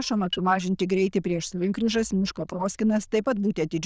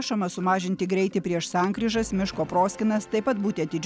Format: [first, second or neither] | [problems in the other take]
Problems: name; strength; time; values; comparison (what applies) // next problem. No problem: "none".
second | noise reduction (neural diffusion model UNIVERSE++)